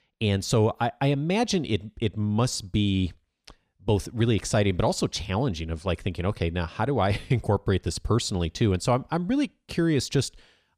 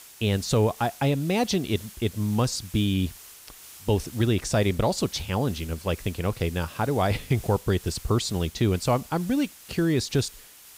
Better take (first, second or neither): first